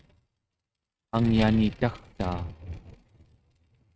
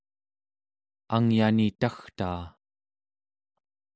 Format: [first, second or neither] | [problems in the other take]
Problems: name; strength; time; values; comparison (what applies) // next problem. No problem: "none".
second | noise reduction (neural mask model RNNoise)